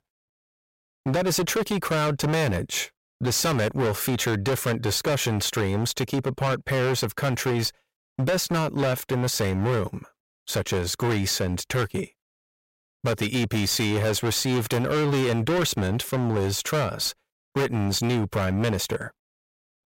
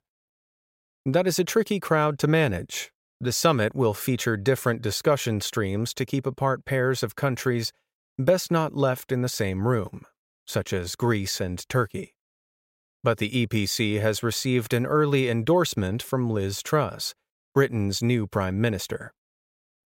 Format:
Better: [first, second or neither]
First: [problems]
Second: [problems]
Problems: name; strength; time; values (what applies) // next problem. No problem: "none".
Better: second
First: distortion; heavy; 23% of the sound clipped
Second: none